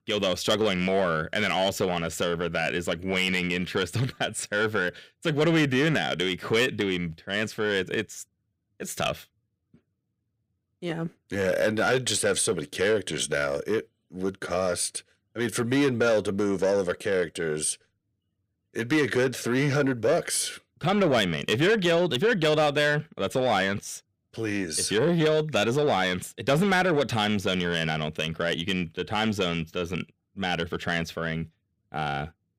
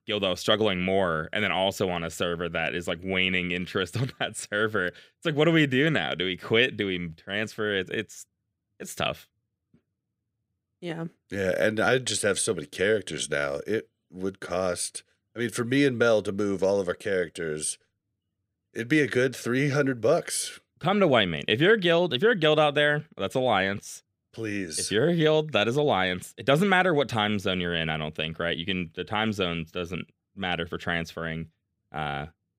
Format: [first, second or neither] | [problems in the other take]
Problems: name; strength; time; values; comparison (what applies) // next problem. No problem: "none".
second | distortion; slight; 10 dB below the speech